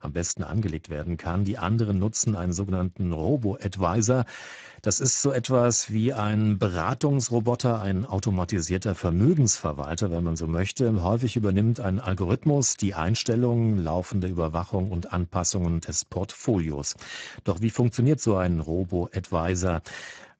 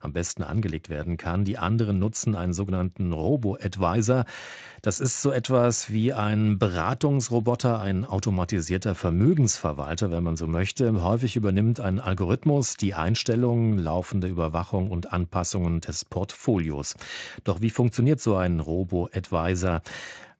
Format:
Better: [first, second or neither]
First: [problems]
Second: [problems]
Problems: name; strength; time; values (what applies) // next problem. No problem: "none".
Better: second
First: garbled, watery; badly; nothing above 7.5 kHz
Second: garbled, watery; slightly; nothing above 7.5 kHz